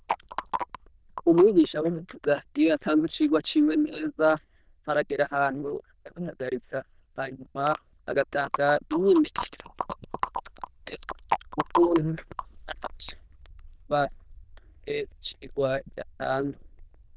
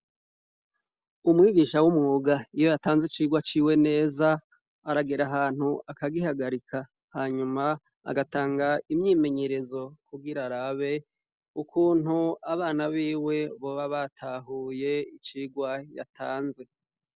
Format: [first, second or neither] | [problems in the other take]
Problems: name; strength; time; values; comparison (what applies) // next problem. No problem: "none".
second | noise reduction (neural diffusion model UNIVERSE++)